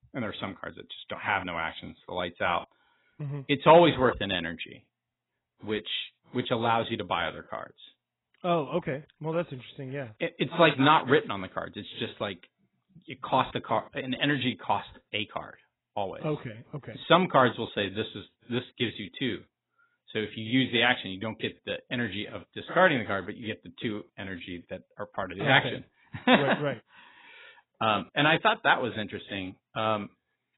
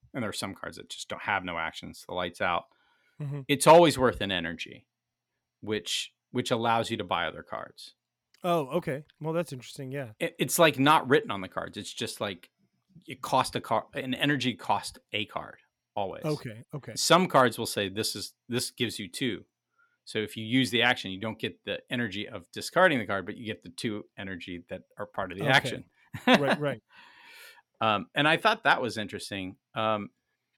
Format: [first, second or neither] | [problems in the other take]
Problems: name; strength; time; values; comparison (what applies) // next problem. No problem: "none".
second | garbled, watery; badly; nothing above 4 kHz